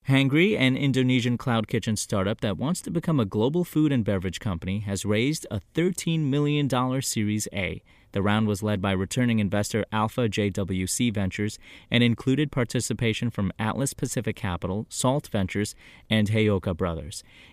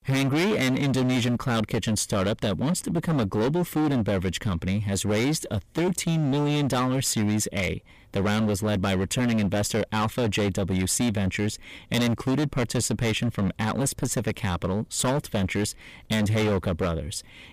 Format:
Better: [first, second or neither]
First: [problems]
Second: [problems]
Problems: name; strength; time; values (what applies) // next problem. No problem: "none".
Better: first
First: none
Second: distortion; heavy; 22% of the sound clipped